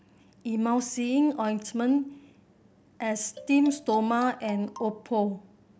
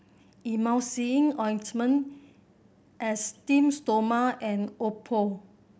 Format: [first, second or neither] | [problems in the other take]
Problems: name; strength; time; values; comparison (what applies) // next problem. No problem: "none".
second | background sound (Marimba, xylophone); 18 dB below the speech